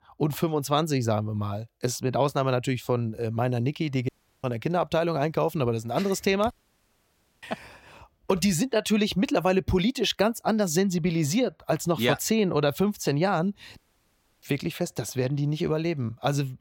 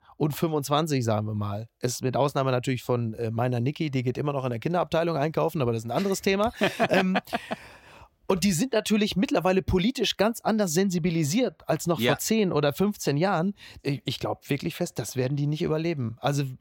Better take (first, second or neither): second